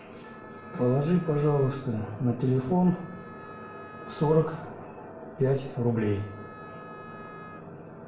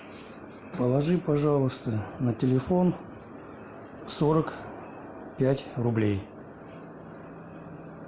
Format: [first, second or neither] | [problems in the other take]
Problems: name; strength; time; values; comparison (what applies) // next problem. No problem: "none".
second | background sound (Wind instrument, woodwind instrument); 20 dB below the speech // room echo; dies away in 0.6 s